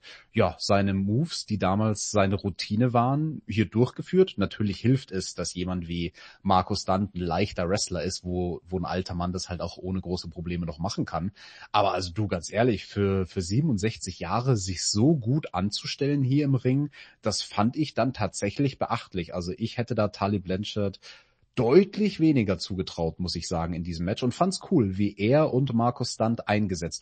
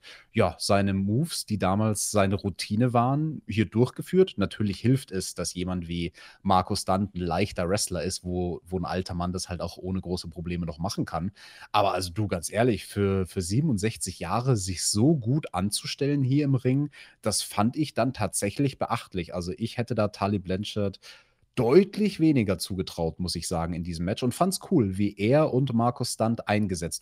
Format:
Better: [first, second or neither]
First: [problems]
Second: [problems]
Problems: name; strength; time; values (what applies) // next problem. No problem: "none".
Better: second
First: garbled, watery; slightly; nothing above 8 kHz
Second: none